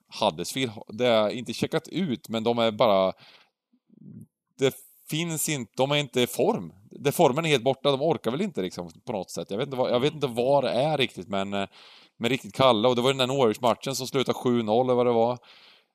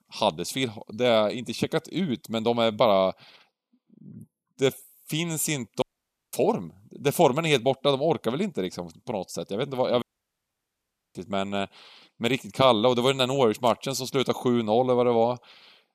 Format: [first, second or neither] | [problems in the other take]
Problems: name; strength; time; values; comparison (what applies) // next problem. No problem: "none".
first | audio cutting out; at 6 s for 0.5 s and at 10 s for 1 s